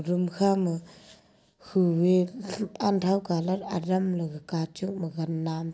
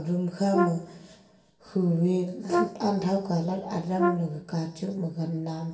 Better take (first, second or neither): first